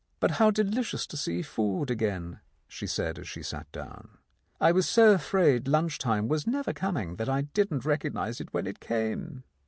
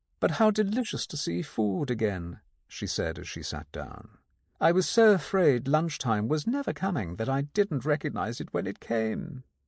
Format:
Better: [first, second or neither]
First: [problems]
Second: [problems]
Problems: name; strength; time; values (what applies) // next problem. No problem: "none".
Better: first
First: none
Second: noise reduction (neural mask model Resemble Enhance denoiser)